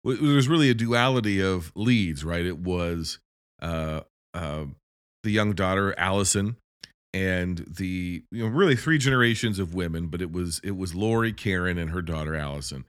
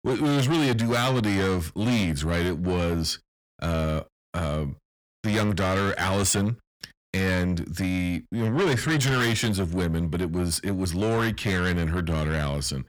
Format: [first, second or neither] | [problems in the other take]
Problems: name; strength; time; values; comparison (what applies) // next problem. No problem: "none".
first | distortion; heavy; 6 dB below the speech